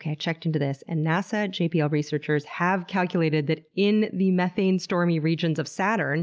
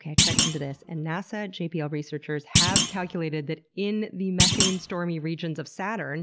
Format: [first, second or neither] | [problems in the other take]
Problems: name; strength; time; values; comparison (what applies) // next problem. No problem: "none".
first | background sound (Thump, thud); 4 dB above the speech